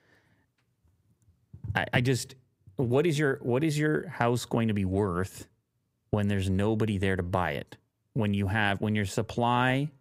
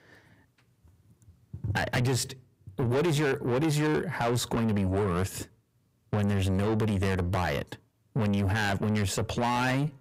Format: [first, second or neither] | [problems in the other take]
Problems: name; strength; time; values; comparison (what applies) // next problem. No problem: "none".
first | distortion; heavy; 7 dB below the speech